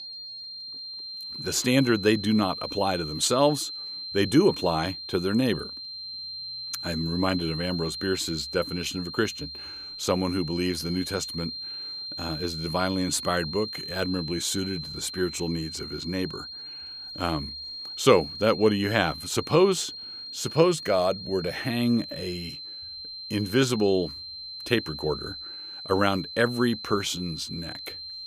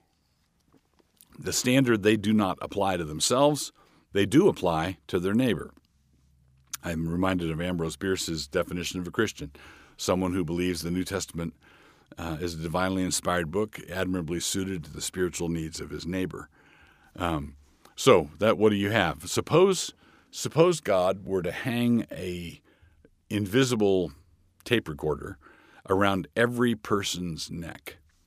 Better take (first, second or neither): second